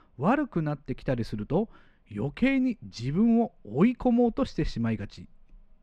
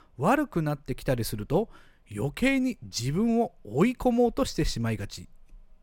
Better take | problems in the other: second | muffled; very slightly; fading above 3.5 kHz

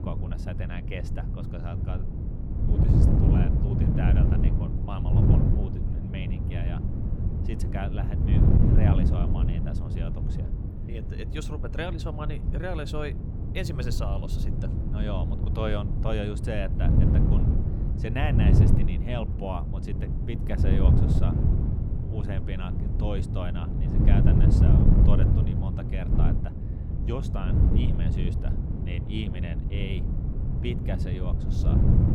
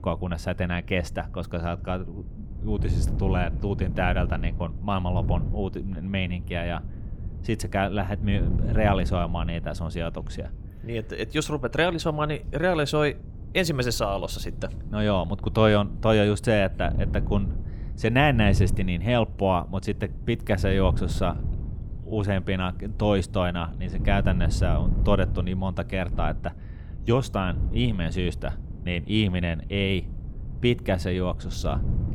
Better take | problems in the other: second | wind noise on the microphone; heavy; 1 dB above the speech; occasional gusts in the second

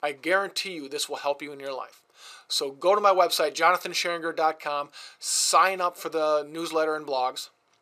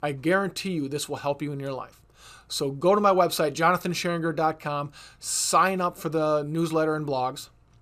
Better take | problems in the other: second | thin; very; fading below 550 Hz

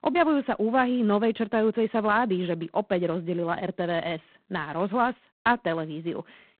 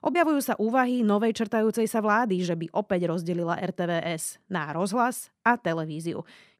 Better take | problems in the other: second | phone-call audio; poor line; nothing above 4 kHz

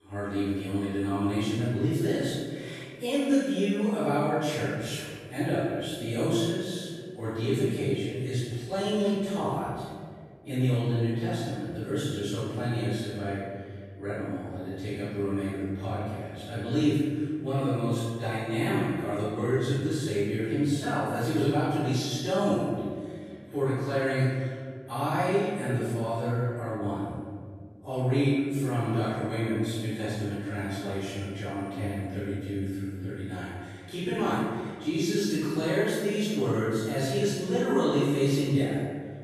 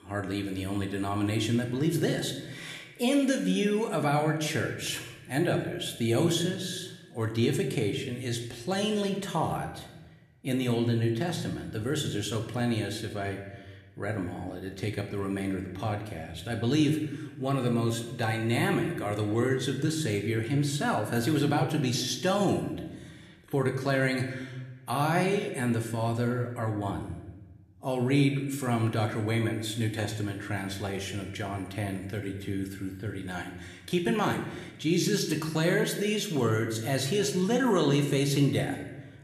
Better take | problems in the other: second | room echo; strong; dies away in 1.7 s; slight in the second // off-mic speech; far

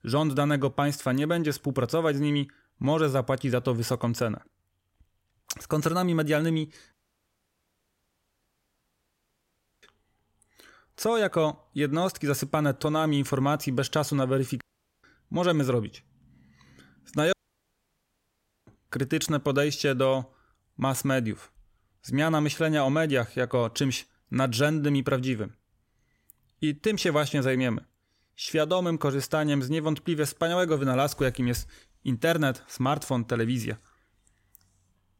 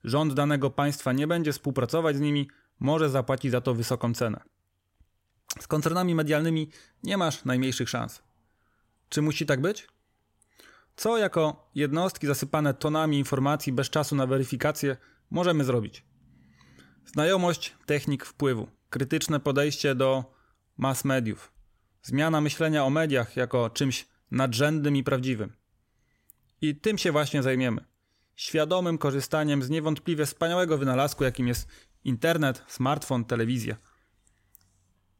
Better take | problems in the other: second | audio cutting out; at 7 s for 3 s, at 15 s and at 17 s for 1.5 s

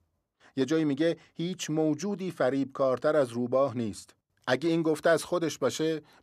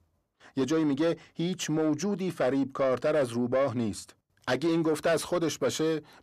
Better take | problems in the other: first | distortion; slight; 10 dB below the speech

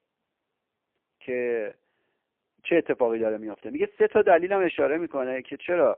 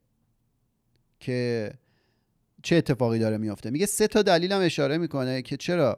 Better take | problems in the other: second | phone-call audio; poor line

